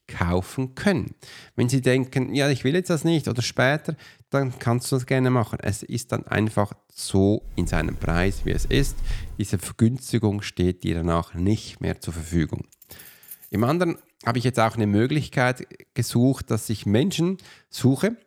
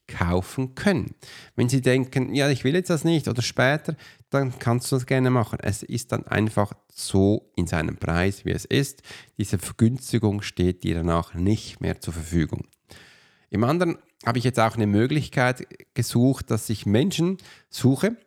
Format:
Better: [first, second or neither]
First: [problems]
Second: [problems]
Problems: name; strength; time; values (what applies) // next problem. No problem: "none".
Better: second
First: door banging; noticeable; from 7.5 to 9.5 s; peak 8 dB below the speech // jangling keys; faint; from 13 to 14 s; peak 20 dB below the speech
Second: none